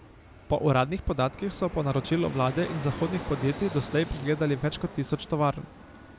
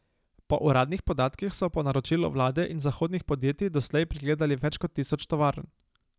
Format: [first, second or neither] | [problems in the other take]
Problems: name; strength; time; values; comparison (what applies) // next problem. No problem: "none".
second | background sound (Fixed-wing aircraft, airplane); 13 dB below the speech